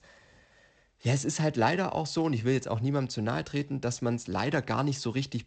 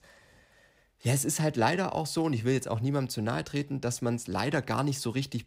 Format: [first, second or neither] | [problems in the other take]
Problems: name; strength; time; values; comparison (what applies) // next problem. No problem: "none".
second | garbled, watery; slightly; nothing above 8 kHz